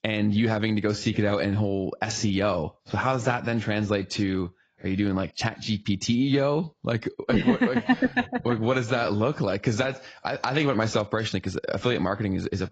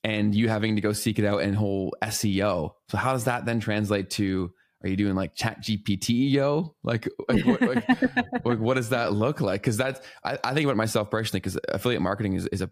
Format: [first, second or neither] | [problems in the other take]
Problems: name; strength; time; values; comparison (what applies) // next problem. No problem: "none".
second | garbled, watery; badly; nothing above 7.5 kHz